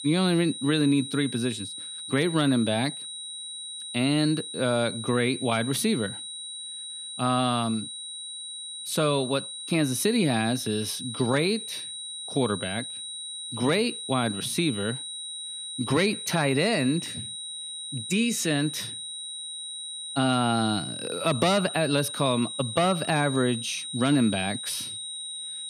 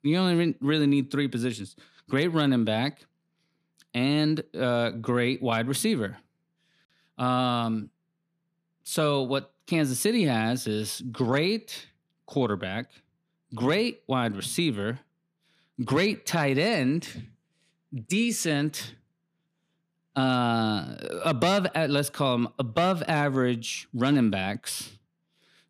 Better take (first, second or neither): second